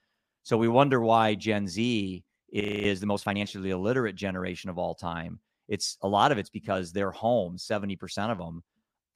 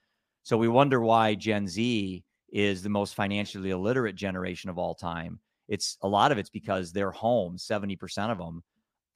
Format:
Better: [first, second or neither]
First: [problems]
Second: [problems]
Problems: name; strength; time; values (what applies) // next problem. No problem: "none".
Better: second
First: audio freezing; at 2.5 s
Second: none